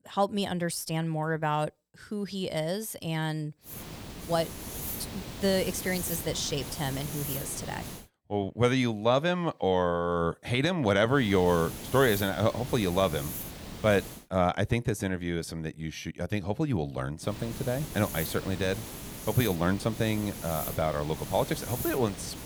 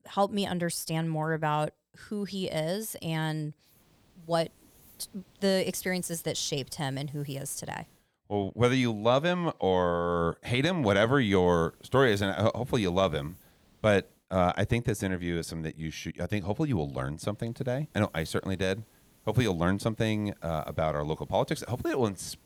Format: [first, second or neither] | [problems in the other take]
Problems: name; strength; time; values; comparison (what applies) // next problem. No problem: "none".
second | hiss; loud; from 3.5 to 8 s, from 11 to 14 s and from 17 s on; 9 dB below the speech; faint in the second